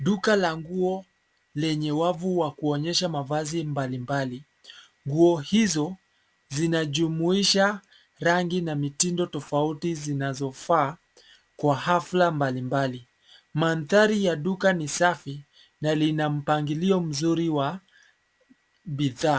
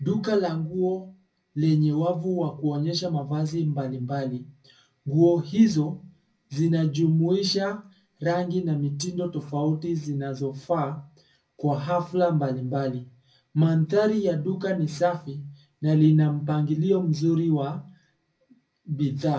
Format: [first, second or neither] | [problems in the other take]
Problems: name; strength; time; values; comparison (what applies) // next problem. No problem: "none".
first | room echo; dies away in 0.4 s